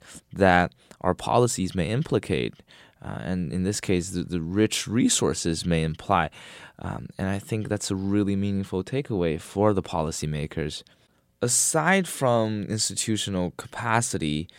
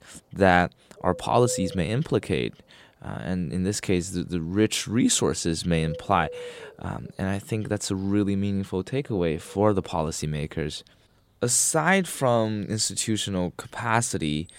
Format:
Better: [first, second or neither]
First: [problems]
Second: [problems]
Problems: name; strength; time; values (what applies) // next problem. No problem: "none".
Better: first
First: none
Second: animal sounds; noticeable; throughout; 15 dB below the speech